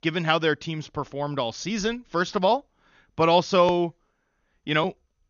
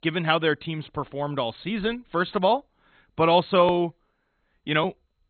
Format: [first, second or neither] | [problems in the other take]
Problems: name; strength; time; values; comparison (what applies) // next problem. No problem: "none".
first | garbled, watery; badly; nothing above 3.5 kHz; slightly in the first